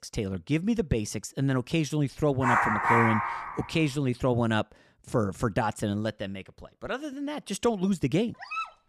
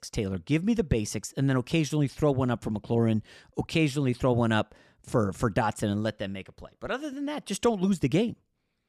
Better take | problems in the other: second | dog barking; loud; from 2.5 to 3.5 s; peak 5 dB above the speech // dog barking; noticeable; at 8.5 s; peak 6 dB below the speech

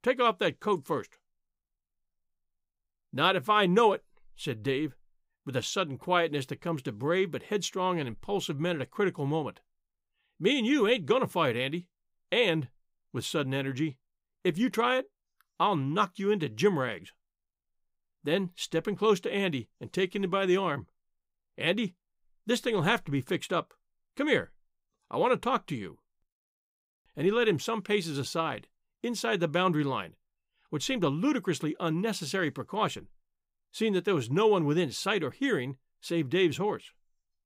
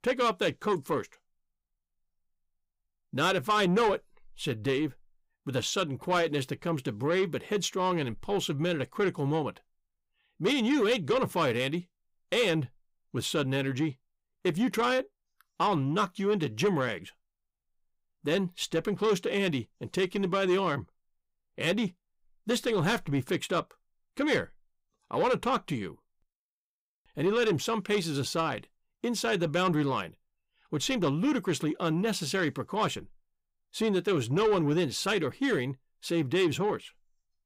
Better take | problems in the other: first | distortion; slight; 10 dB below the speech

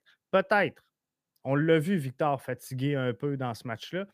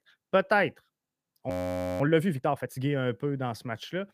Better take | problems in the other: first | audio freezing; at 1.5 s for 0.5 s

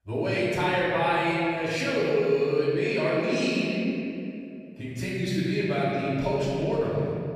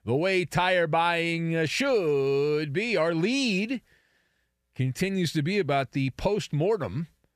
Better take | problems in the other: second | room echo; strong; dies away in 2.4 s // off-mic speech; far

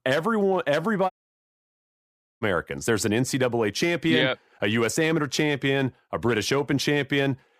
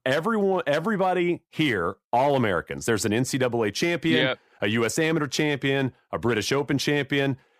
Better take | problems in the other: second | audio cutting out; at 1 s for 1.5 s

